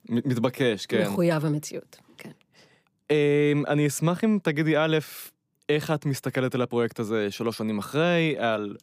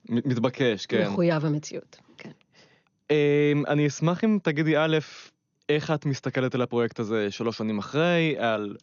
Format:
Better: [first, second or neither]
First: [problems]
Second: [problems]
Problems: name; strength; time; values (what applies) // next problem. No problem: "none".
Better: first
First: none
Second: garbled, watery; slightly; nothing above 6.5 kHz